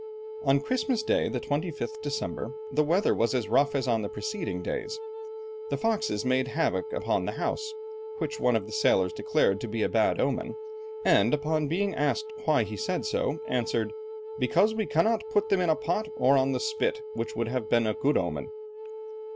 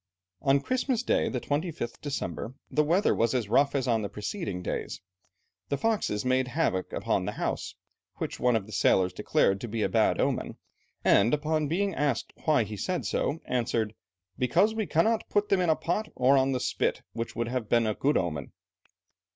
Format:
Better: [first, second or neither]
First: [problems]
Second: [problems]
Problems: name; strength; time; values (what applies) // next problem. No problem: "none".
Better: second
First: background sound (Wind instrument, woodwind instrument); 10 dB below the speech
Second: none